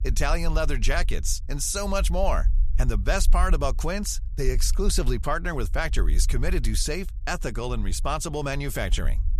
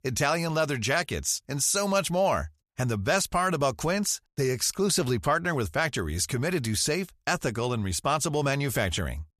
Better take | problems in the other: second | low rumble; faint; throughout; 25 dB below the speech

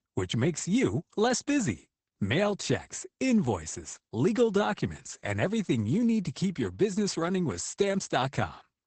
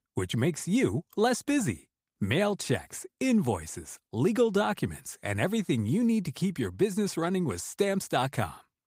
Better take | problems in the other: second | garbled, watery; badly; nothing above 8 kHz; slightly in the second

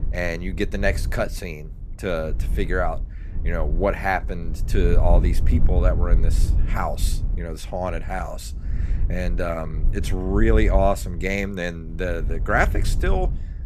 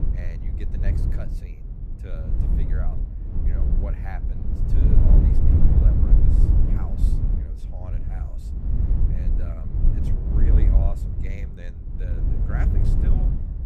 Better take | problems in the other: first | wind noise on the microphone; heavy; 5 dB above the speech; occasional gusts in the first

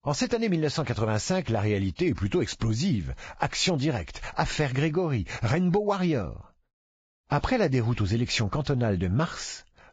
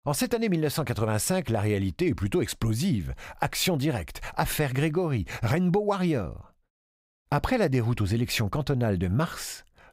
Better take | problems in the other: second | garbled, watery; badly; nothing above 7.5 kHz

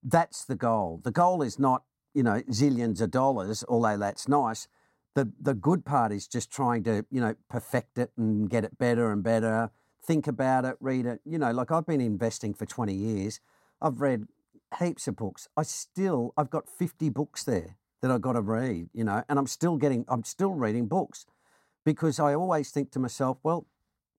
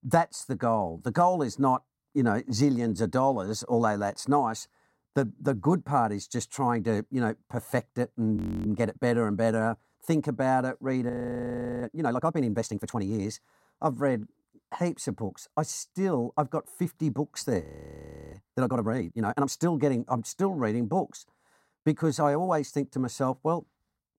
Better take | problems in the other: first | audio freezing; at 8.5 s, at 11 s for 0.5 s and at 18 s for 0.5 s

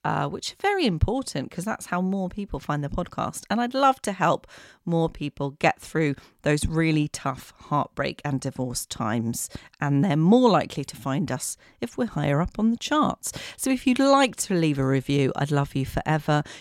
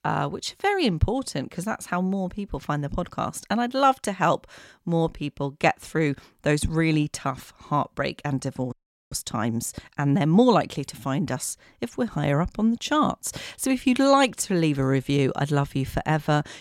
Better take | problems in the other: first | audio freezing; at 8.5 s

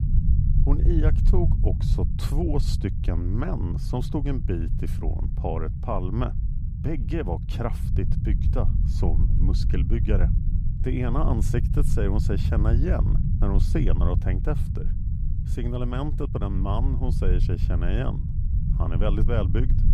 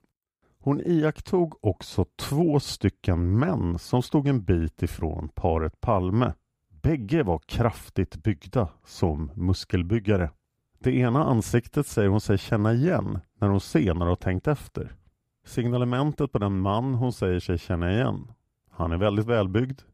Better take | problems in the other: second | low rumble; loud; throughout; 7 dB below the speech

